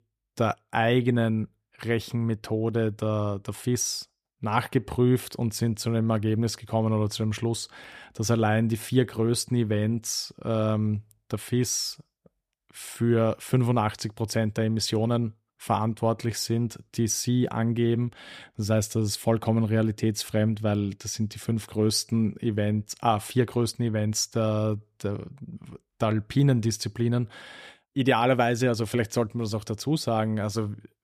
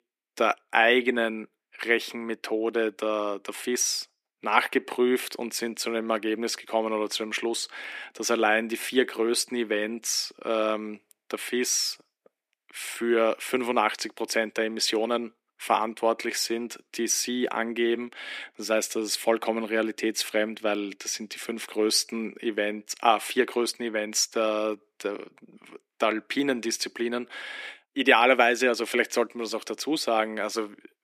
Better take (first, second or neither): first